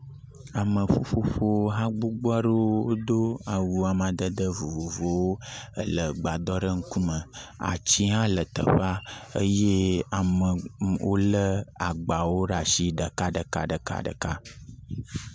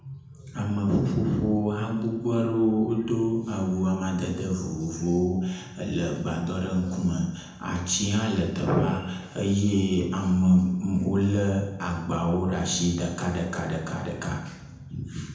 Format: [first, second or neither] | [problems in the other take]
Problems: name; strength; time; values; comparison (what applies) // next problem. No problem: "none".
first | room echo; dies away in 0.9 s